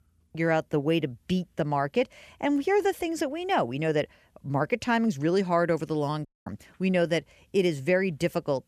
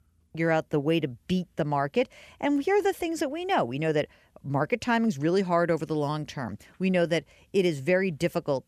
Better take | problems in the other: second | audio cutting out; at 6.5 s

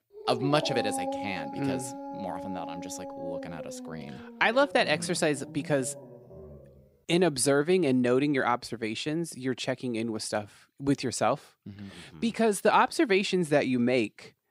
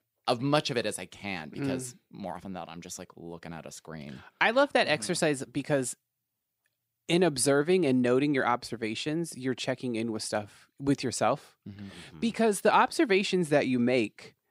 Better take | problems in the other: second | dog barking; noticeable; until 6.5 s; peak 5 dB below the speech

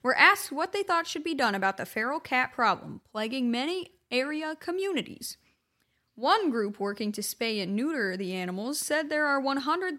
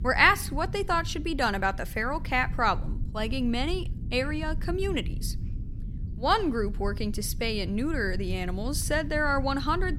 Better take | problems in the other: first | low rumble; faint; throughout; 20 dB below the speech

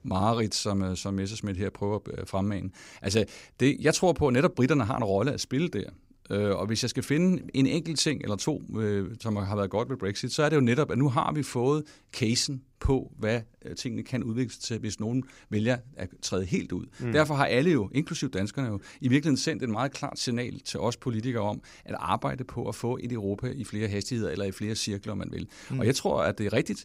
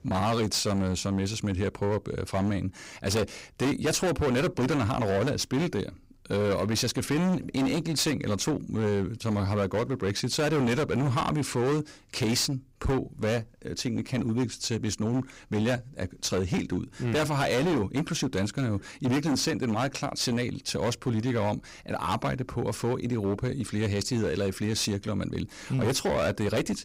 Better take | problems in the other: first | distortion; heavy; 18% of the sound clipped

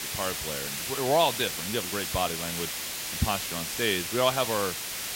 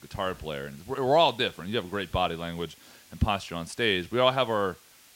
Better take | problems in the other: second | hiss; loud; throughout; 2 dB below the speech; faint in the second

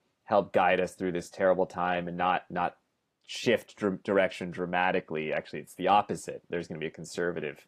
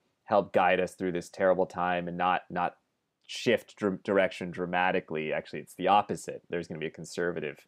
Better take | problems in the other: second | garbled, watery; slightly; nothing above 15.5 kHz

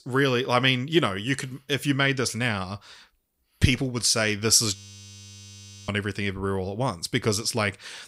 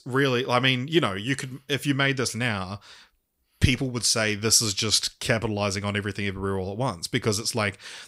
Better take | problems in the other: second | audio freezing; at 5 s for 1 s

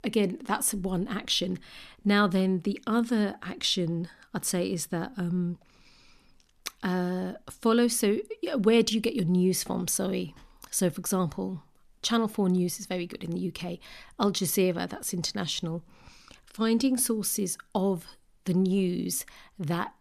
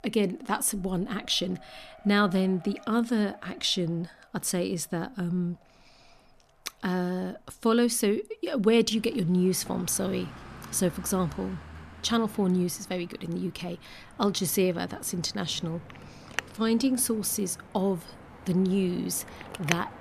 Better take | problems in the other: first | traffic noise; noticeable; throughout; 15 dB below the speech

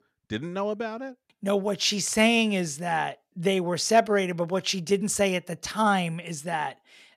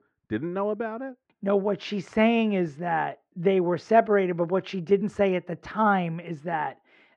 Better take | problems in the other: first | muffled; very; fading above 1.5 kHz

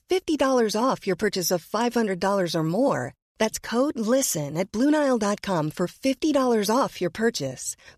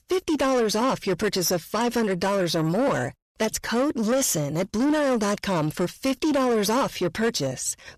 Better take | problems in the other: first | distortion; slight; 10 dB below the speech

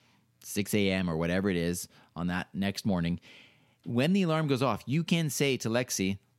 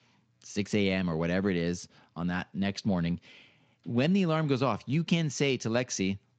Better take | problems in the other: first | garbled, watery; slightly

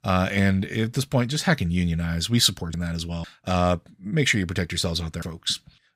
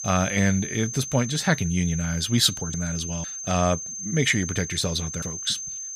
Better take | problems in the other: first | high-pitched whine; loud; throughout; 6.5 kHz, 7 dB below the speech

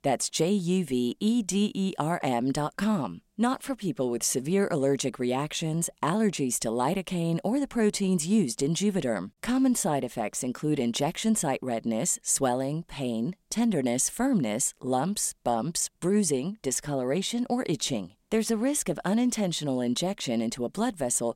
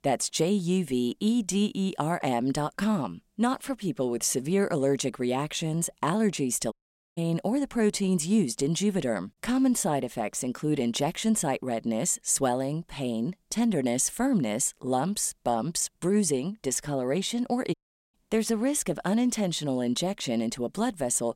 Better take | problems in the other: first | audio cutting out; at 6.5 s and at 18 s

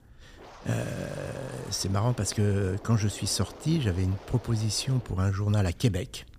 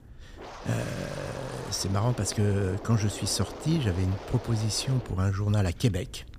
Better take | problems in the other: first | wind noise on the microphone; heavy; 8 dB below the speech; occasional gusts in the first

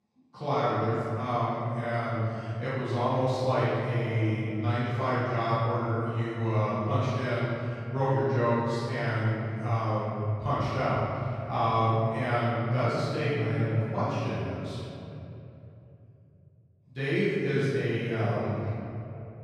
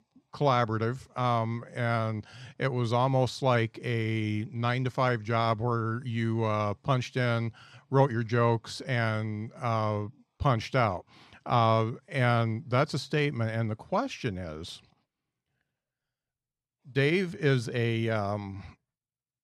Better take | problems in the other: second | off-mic speech; far // room echo; strong; dies away in 3 s

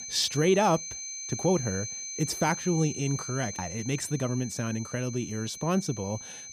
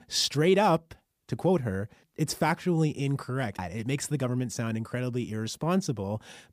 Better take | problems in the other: second | high-pitched whine; loud; throughout; 6.5 kHz, 7 dB below the speech

